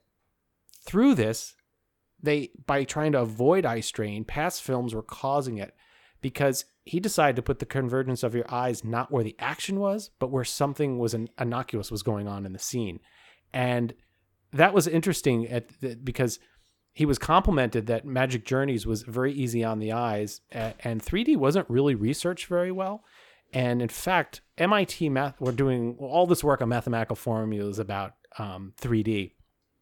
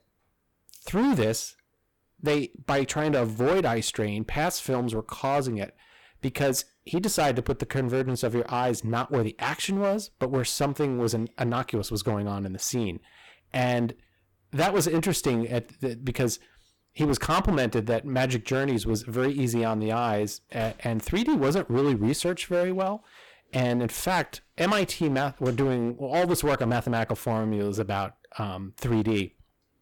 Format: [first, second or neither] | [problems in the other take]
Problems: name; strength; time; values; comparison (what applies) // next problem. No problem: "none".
first | distortion; heavy; 11% of the sound clipped